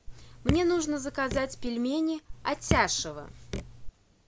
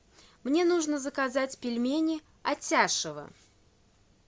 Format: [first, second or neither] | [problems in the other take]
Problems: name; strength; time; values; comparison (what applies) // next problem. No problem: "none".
second | background sound (Raindrop / Drip); 5 dB below the speech